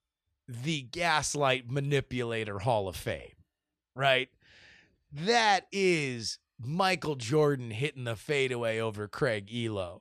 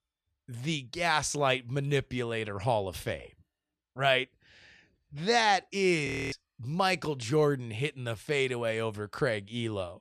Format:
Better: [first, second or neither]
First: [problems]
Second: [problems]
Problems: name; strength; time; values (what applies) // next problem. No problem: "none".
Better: first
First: none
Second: audio freezing; at 6 s